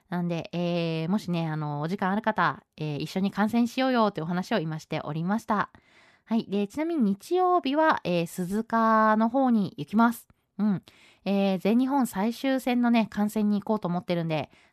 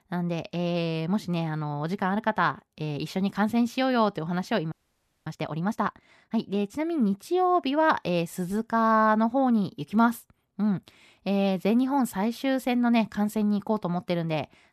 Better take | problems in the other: first | audio freezing; at 4.5 s for 0.5 s

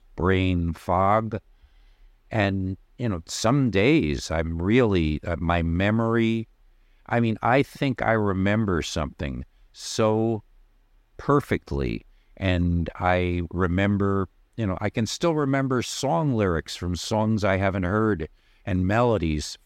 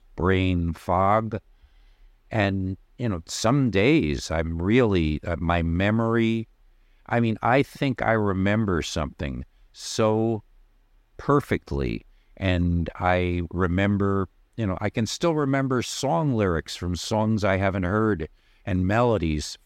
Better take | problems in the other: neither | none

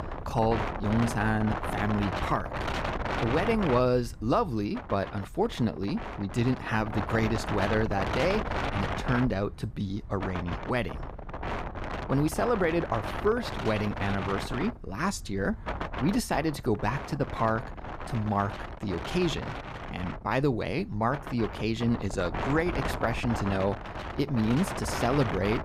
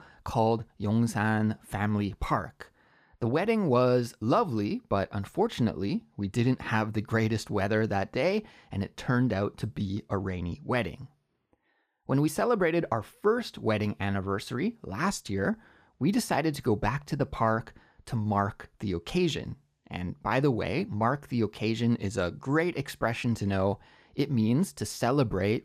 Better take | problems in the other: second | wind noise on the microphone; heavy; 4 dB below the speech

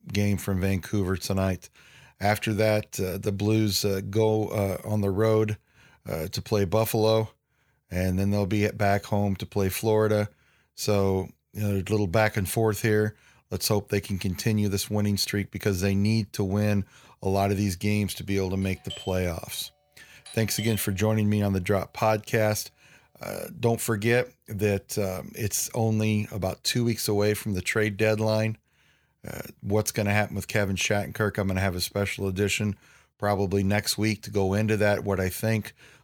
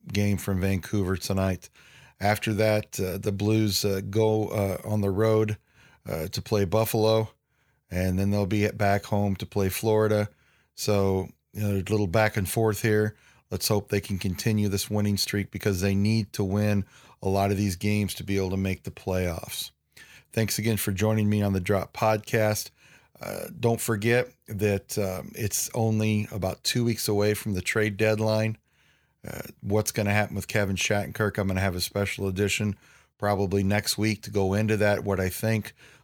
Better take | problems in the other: second | doorbell; faint; from 19 to 21 s; peak 15 dB below the speech

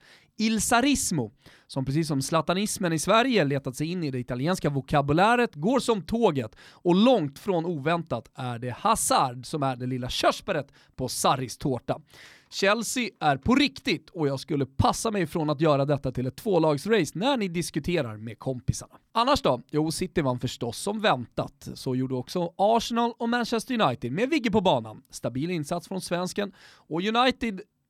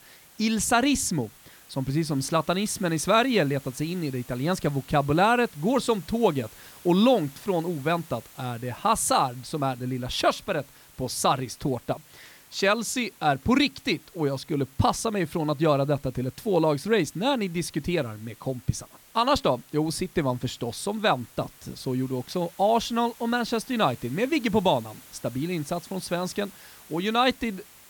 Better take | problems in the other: first | hiss; faint; throughout; 20 dB below the speech

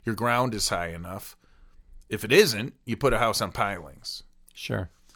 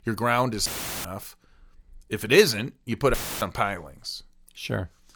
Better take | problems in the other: first | audio cutting out; filled with static; at 0.5 s and at 3 s

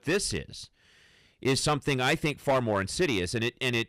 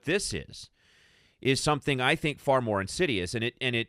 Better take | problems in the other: second | distortion; slight; 4% of the sound clipped

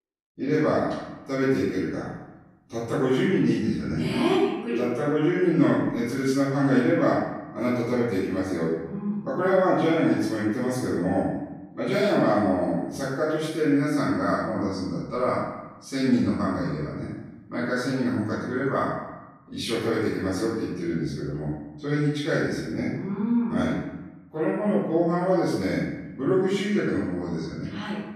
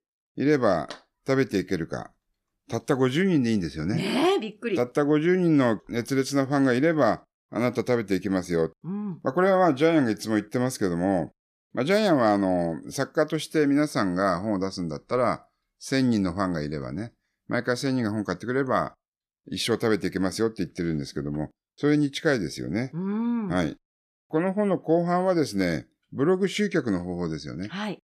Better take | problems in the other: second | room echo; strong; dies away in 0.9 s // off-mic speech; far

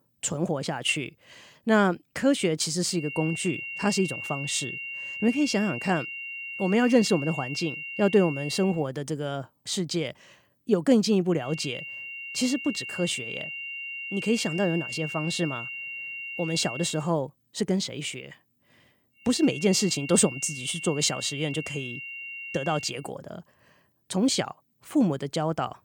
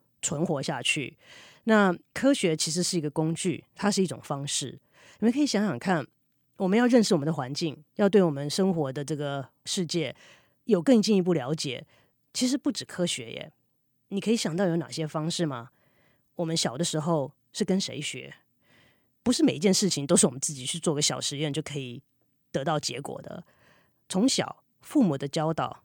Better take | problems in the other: second | high-pitched whine; loud; from 3 to 8.5 s, from 11 to 17 s and from 19 to 23 s; 3 kHz, 8 dB below the speech

